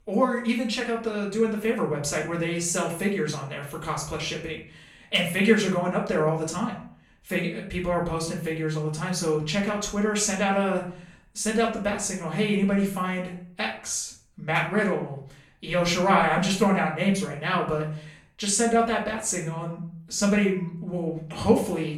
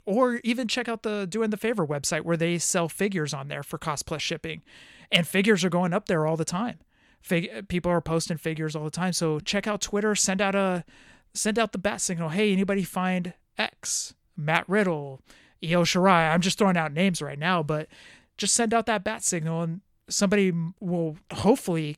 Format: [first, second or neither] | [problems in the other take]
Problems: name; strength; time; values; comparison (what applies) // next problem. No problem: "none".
second | off-mic speech; far // room echo; slight; dies away in 0.4 s